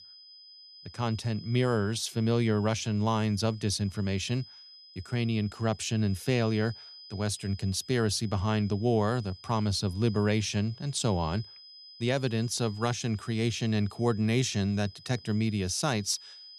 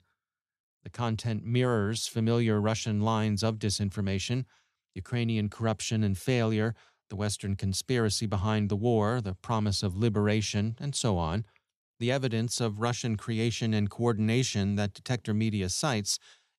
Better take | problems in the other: second | high-pitched whine; noticeable; throughout; 5 kHz, 20 dB below the speech

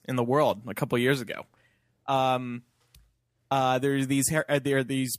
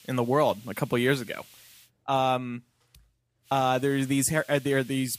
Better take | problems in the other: first | hiss; faint; until 2 s and from 3.5 s on; 25 dB below the speech

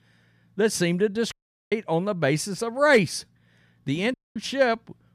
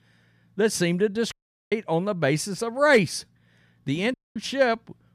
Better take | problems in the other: neither | audio cutting out; at 1.5 s and at 4 s; the same in both

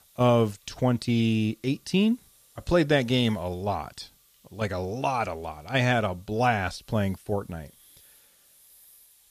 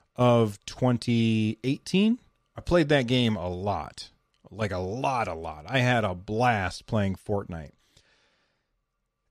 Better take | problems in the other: second | hiss; faint; throughout; 30 dB below the speech

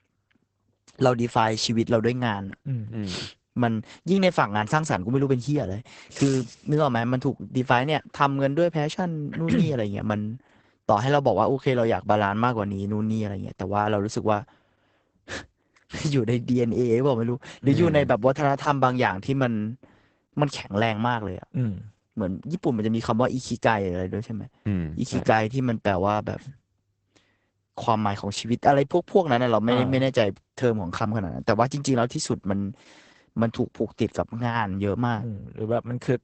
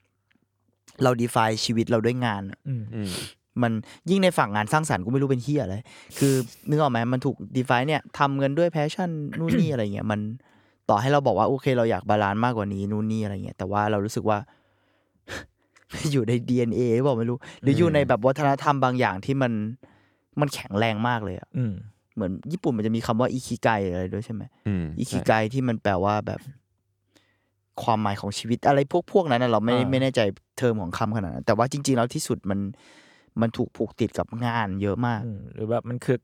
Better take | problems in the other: second | garbled, watery; badly; nothing above 8 kHz

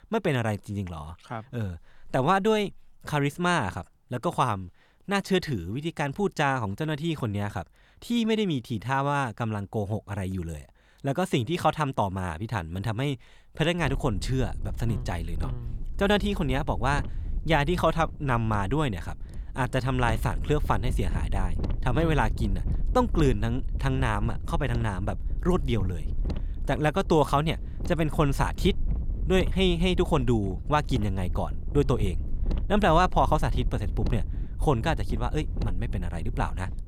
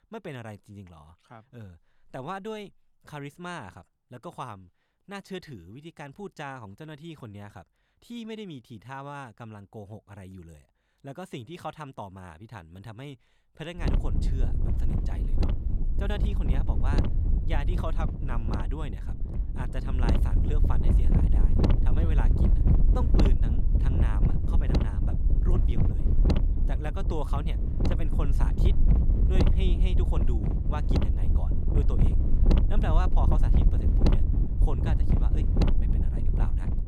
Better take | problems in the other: first | wind noise on the microphone; heavy; from 14 s on; 1 dB above the speech; occasional gusts in the first

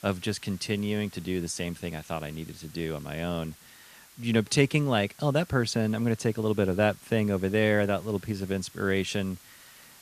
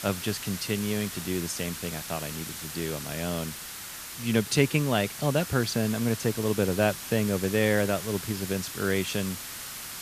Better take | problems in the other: first | hiss; loud; throughout; 8 dB below the speech; faint in the first

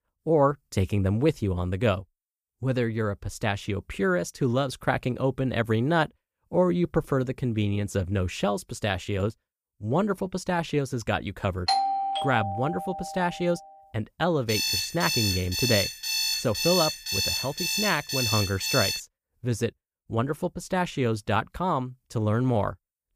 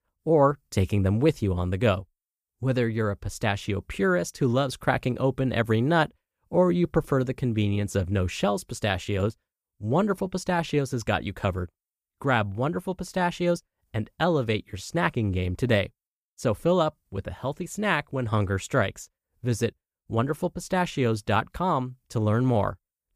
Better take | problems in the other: second | doorbell; loud; from 12 to 13 s; peak 3 dB above the speech // alarm; loud; from 14 to 19 s; peak 3 dB above the speech

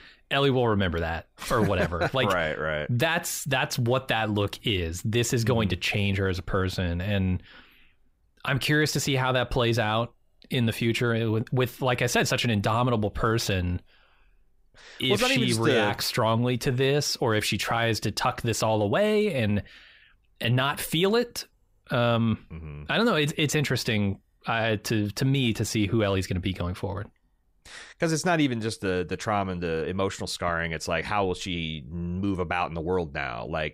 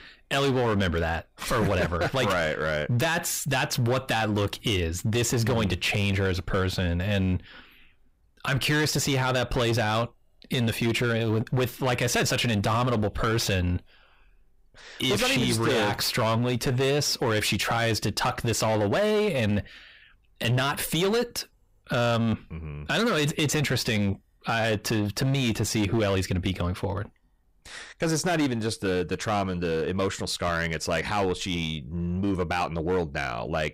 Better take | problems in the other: first | distortion; slight; 15% of the sound clipped

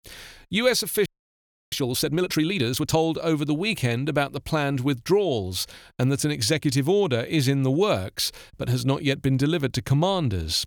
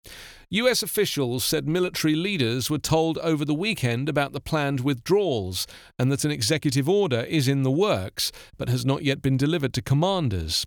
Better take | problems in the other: second | audio freezing; at 1 s for 0.5 s

